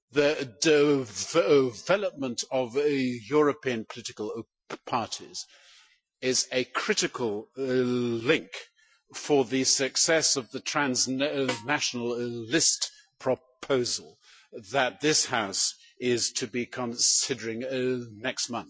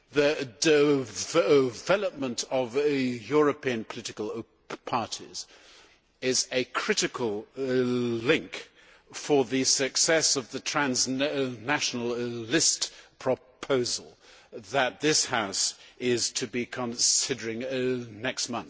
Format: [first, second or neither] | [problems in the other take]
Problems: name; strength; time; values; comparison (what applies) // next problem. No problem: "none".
second | noise reduction (classical method Wiener filter)